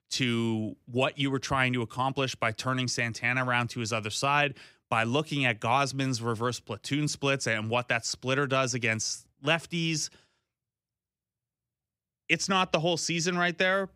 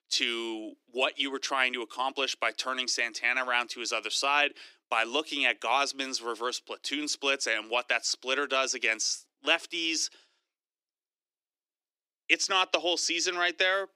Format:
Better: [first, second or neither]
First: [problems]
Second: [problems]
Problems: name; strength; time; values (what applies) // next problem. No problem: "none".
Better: first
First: none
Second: thin; somewhat; fading below 300 Hz